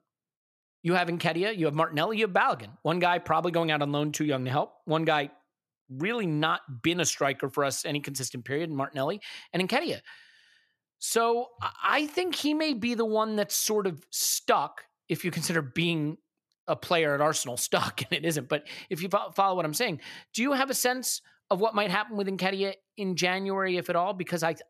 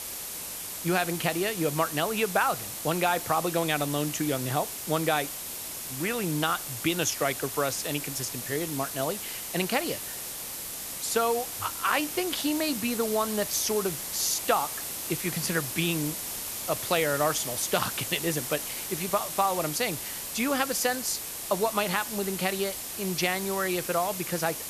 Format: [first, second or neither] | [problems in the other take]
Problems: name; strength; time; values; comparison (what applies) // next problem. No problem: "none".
first | hiss; loud; throughout; 4 dB below the speech